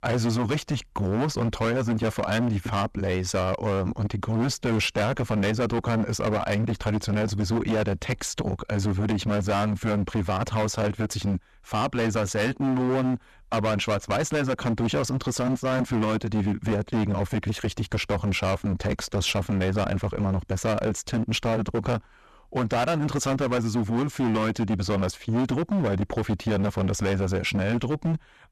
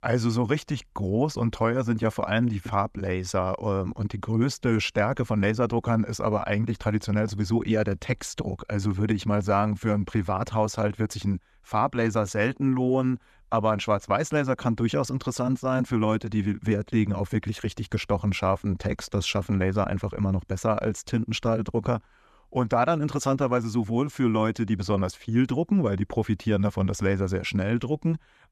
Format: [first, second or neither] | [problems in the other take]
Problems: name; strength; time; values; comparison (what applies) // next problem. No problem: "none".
second | distortion; heavy; 23% of the sound clipped